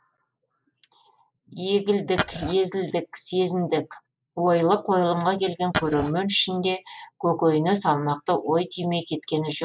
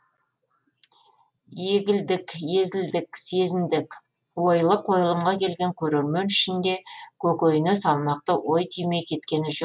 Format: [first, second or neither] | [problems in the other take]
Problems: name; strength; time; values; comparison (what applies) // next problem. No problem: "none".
second | noise reduction (neural mask model Resemble Enhance denoiser)